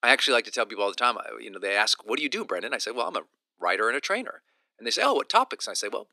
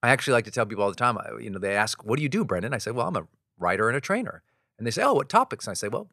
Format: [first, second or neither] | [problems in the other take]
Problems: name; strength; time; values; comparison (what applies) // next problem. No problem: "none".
second | thin; somewhat; fading below 250 Hz